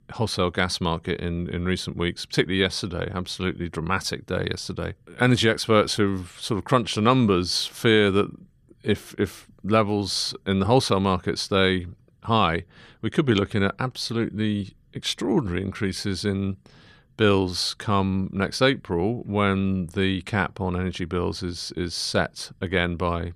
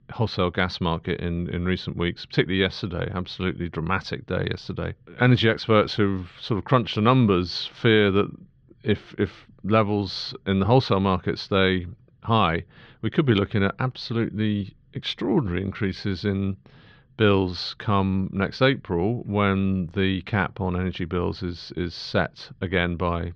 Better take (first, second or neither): first